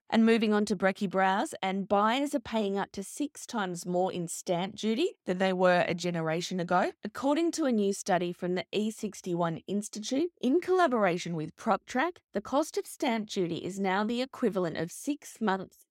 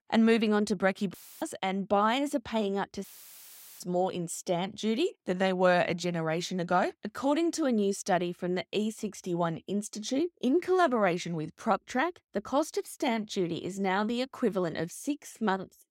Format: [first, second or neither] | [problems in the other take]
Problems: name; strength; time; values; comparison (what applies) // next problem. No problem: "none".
first | audio cutting out; filled with static; at 1 s and at 3 s for 1 s